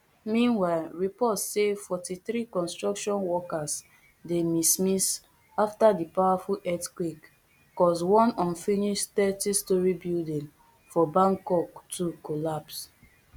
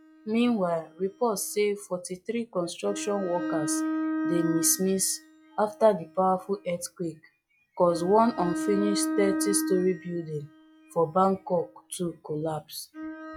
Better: first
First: none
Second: noise reduction (classical method log-MMSE)

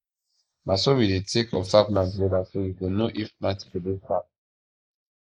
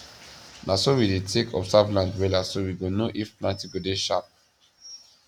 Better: second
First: noise reduction (neural mask model Resemble Enhance denoiser)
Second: none

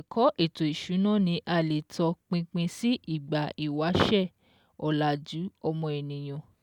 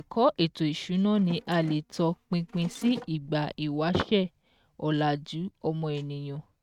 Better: first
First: none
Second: noise reduction (neural mask model RNNoise)

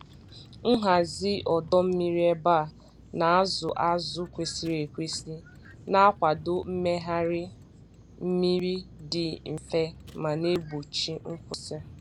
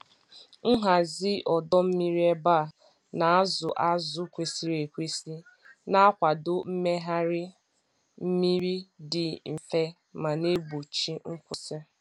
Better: second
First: background sound (Vehicle); 20 dB below the speech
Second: none

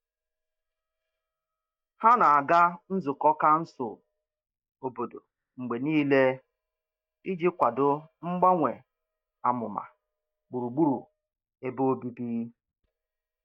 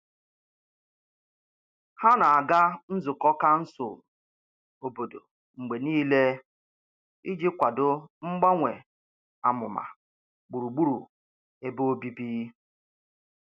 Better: second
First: noise reduction (neural mask model DeepFilterNet 3)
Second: none

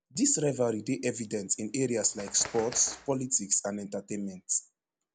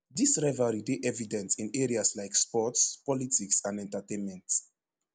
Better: second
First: background sound (Bird); 16 dB below the speech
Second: none

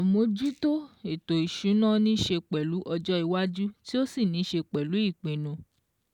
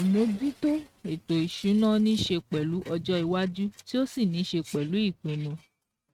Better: first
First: none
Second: noise reduction (neural mask model RNNoise)

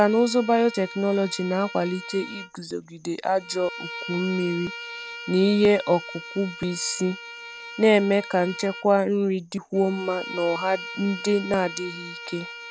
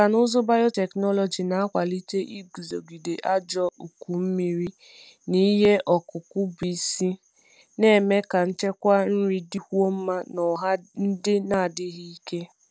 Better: second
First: background sound (Bowed string instrument); 14 dB below the speech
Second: none

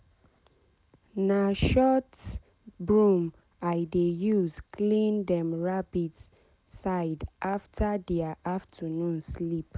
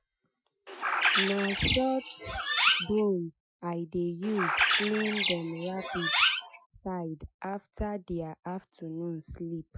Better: first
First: none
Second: noise reduction (classical method Wiener filter)

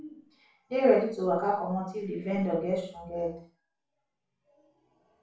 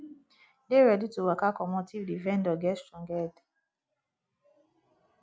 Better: second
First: room echo; dies away in 0.4 s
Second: none

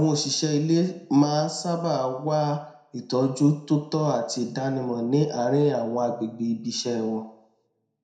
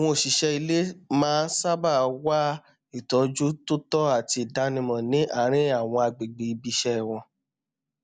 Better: second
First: room echo; dies away in 0.6 s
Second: none

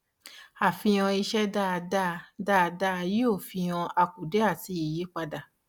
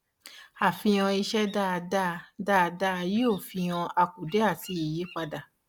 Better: first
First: none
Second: background sound (Bird vocalization, bird call, bird song); 20 dB below the speech

